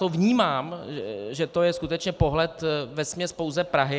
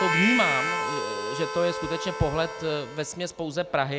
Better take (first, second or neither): first